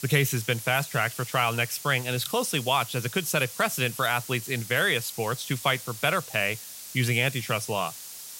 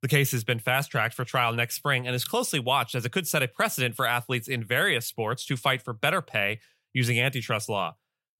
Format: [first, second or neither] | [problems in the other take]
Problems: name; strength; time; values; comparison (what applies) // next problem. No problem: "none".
second | hiss; noticeable; throughout; 10 dB below the speech